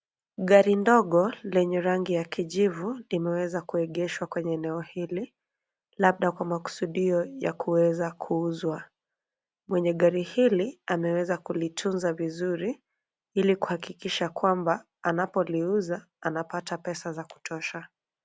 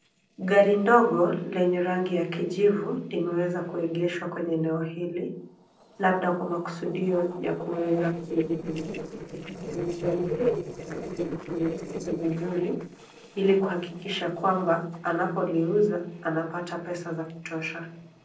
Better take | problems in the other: first | noise reduction (neural separator model SepFormer DNS4)

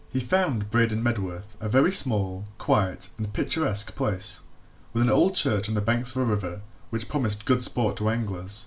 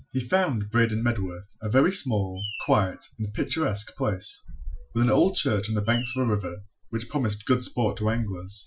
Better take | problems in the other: first | noise reduction (classical method Wiener filter)

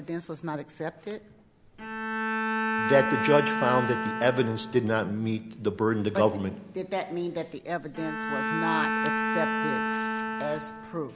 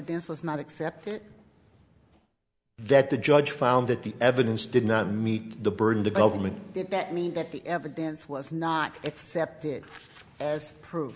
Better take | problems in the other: second | background sound (Bowed string instrument); 3 dB below the speech

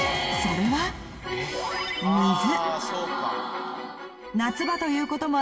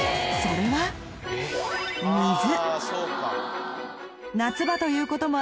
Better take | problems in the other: second | room echo; dies away in 2.8 s

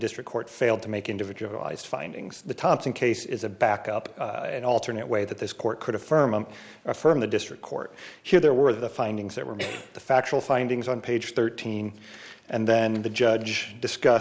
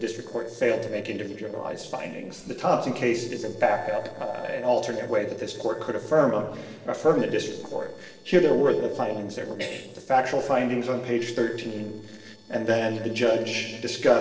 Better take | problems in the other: first | noise reduction (neural separator model SepFormer DNS4)

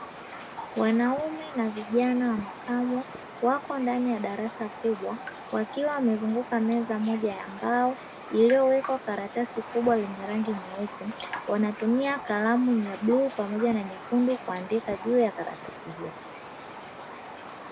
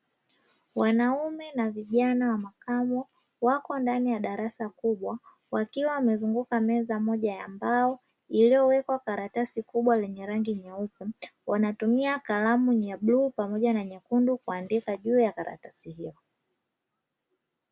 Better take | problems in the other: second | background sound (Raindrop); 13 dB below the speech

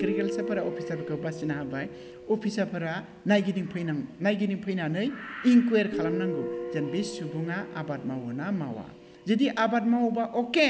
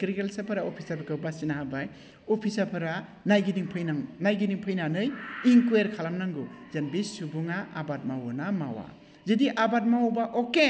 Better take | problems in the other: second | background sound (Guitar); 10 dB below the speech

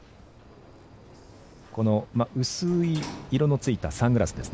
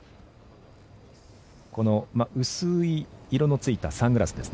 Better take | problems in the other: second | background sound (Sliding door); 20 dB below the speech

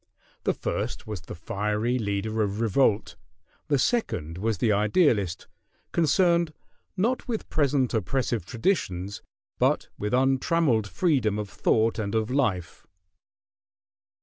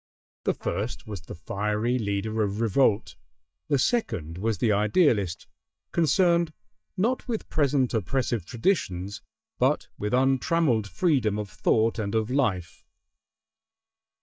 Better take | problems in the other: first | noise reduction (neural mask model DeepFilterNet 3)

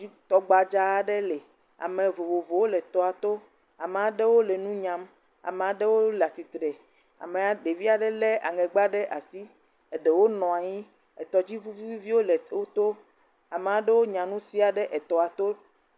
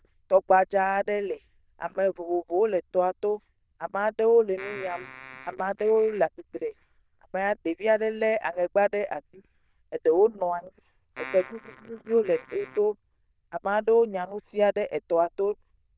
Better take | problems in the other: first | noise reduction (neural diffusion model UNIVERSE++)

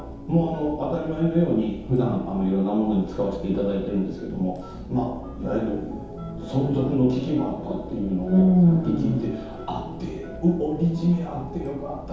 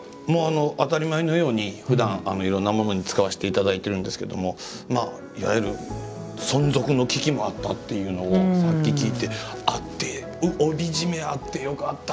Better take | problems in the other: second | background sound (Telephone); 17 dB below the speech // room echo; dies away in 0.8 s

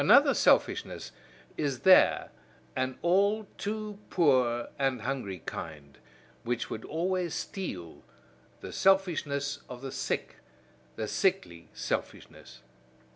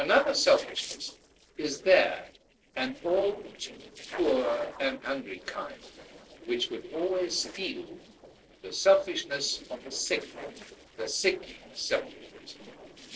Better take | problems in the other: first | noise reduction (neural separator model SepFormer DNS4)

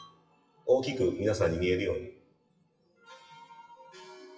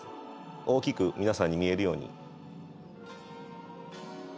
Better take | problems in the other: second | noise reduction (classical method WPE with log-MMSE)

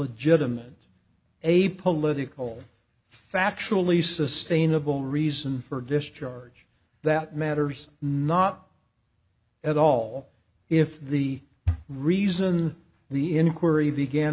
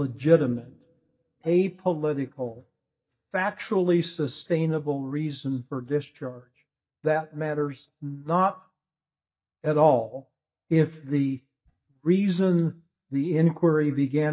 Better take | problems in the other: first | noise reduction (neural mask model DeepFilterNet 3)

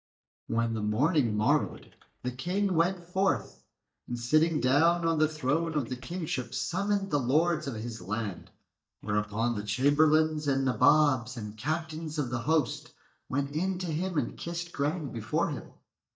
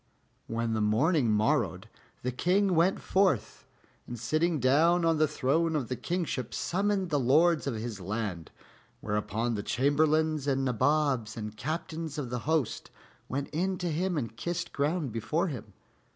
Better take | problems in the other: second | noise reduction (neural mask model DeepFilterNet 3)

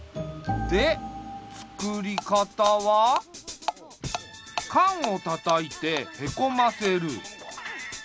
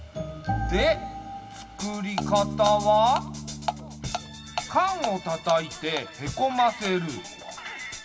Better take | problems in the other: first | background sound (Bass guitar); 13 dB below the speech // room echo; dies away in 0.8 s

